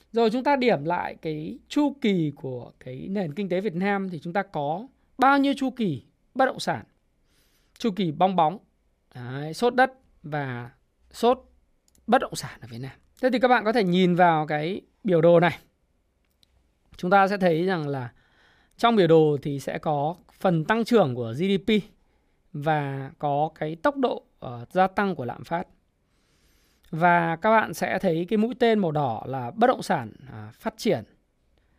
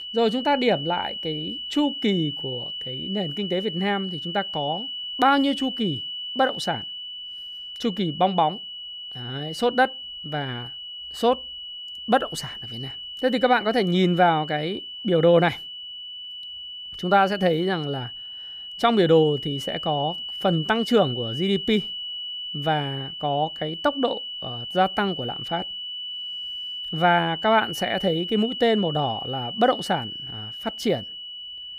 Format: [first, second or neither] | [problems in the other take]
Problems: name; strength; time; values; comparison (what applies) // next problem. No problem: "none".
first | high-pitched whine; loud; throughout; 3 kHz, 8 dB below the speech